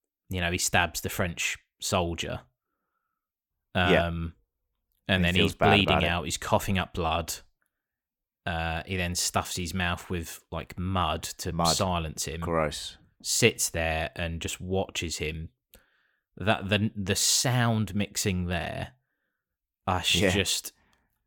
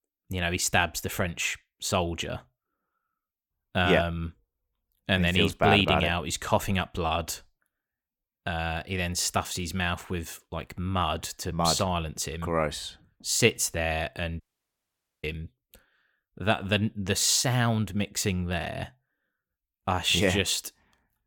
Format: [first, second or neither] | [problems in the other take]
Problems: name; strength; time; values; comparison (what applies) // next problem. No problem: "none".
first | audio cutting out; at 14 s for 1 s